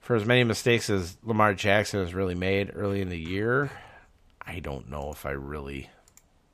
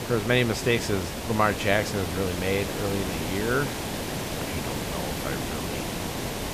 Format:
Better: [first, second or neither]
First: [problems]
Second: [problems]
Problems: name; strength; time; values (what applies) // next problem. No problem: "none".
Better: first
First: none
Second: hiss; loud; throughout; 4 dB below the speech